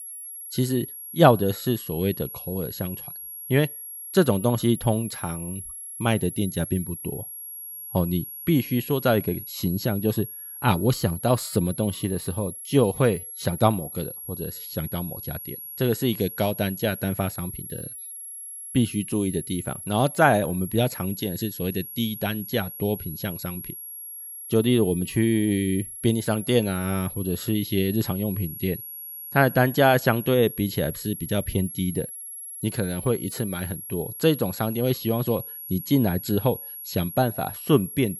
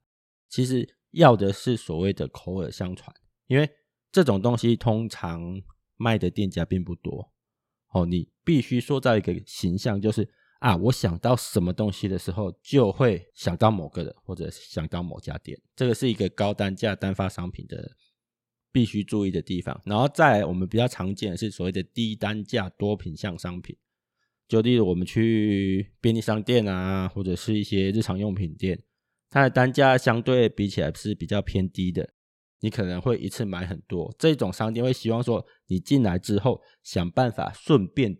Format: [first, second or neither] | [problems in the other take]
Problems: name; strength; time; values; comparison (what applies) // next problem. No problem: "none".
second | high-pitched whine; loud; throughout; 11.5 kHz, 10 dB below the speech